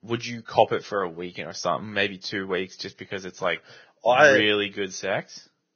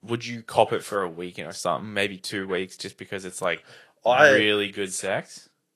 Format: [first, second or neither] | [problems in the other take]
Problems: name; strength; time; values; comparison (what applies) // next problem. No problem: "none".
second | garbled, watery; badly; nothing above 6.5 kHz; slightly in the second